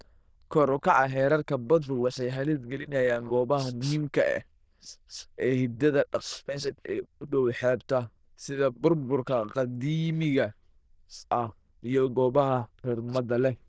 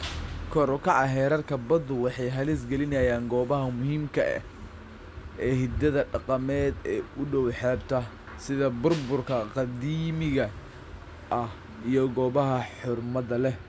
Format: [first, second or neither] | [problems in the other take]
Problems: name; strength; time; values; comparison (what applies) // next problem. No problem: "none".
second | noise reduction (neural diffusion model UNIVERSE++)